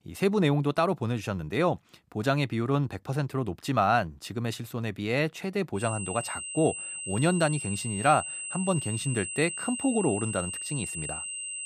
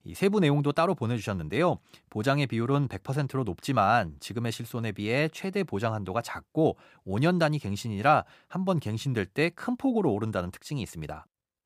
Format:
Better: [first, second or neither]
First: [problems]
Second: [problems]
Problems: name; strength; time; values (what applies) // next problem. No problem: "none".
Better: second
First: high-pitched whine; loud; from 6 s on; 8 kHz, 5 dB below the speech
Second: none